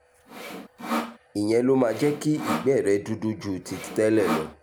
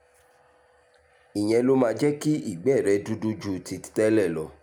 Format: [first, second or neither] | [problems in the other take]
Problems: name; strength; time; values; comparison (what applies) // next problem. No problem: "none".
second | background sound (Sawing); 8 dB below the speech